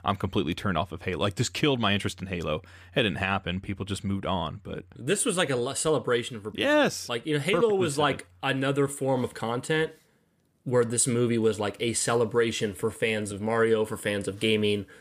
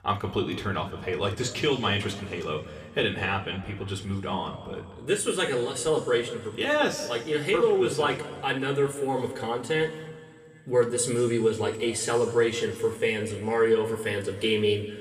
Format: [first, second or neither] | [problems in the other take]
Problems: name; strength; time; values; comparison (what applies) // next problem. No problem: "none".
first | room echo; slight; dies away in 2 s